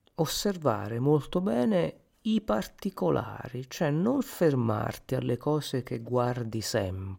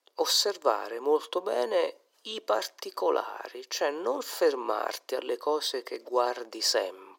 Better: first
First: none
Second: thin; very; fading below 350 Hz

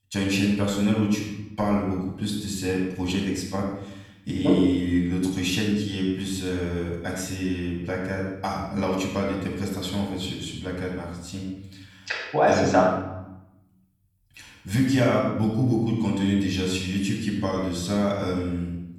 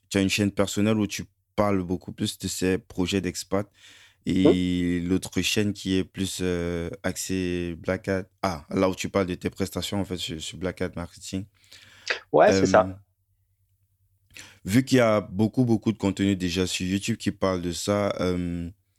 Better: second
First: off-mic speech; far // room echo; noticeable; dies away in 0.9 s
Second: none

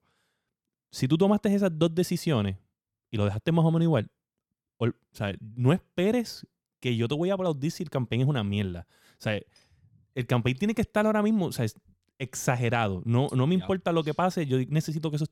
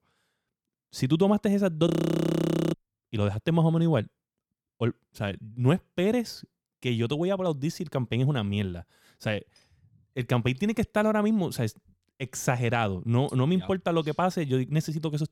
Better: first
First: none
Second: audio freezing; at 2 s for 1 s

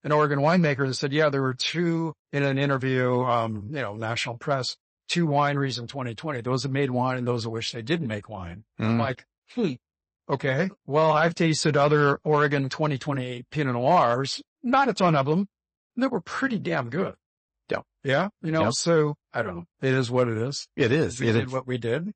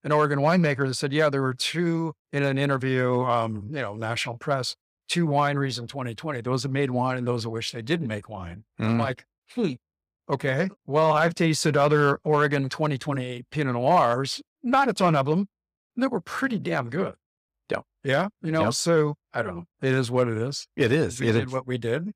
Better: second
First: garbled, watery; slightly; nothing above 8 kHz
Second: none

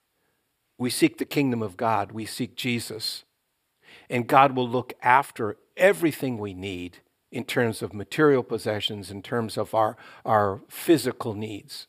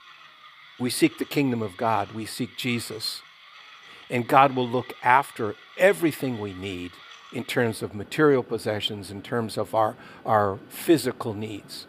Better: first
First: none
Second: machinery noise; faint; throughout; 20 dB below the speech

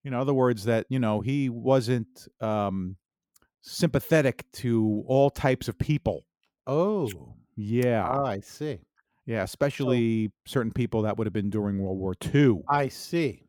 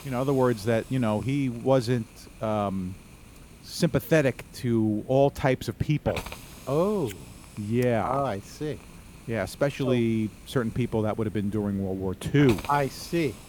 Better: first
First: none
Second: hiss; noticeable; throughout; 20 dB below the speech

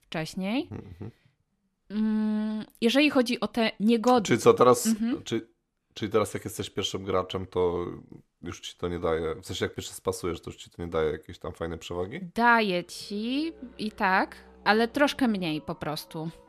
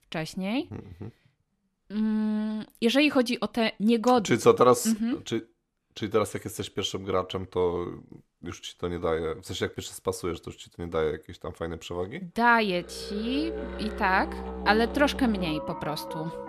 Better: first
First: background music; faint; from 13 s on; 25 dB below the speech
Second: background music; loud; from 13 s on; 9 dB below the speech

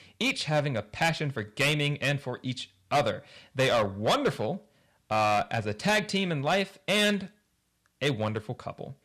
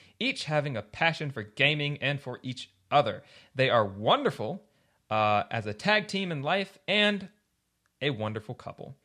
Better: second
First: distortion; heavy; 6% of the sound clipped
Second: none

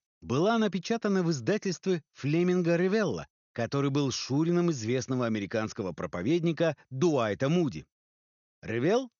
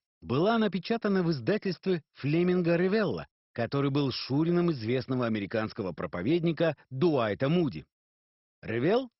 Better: first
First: garbled, watery; slightly; nothing above 6.5 kHz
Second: garbled, watery; badly; nothing above 5.5 kHz

